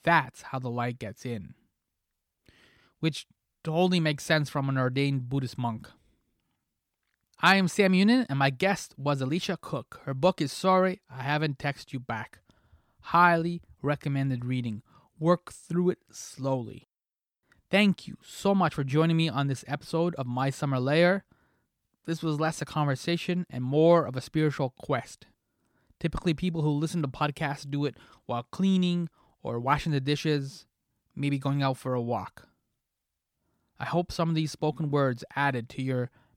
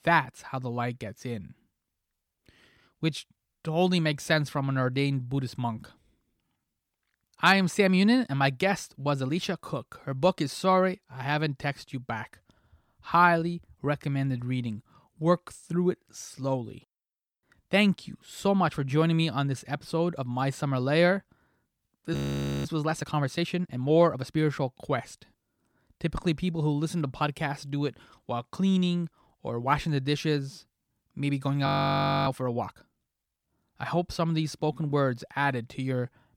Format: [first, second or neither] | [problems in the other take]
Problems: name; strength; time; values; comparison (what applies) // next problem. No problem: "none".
first | audio freezing; at 22 s for 0.5 s and at 32 s for 0.5 s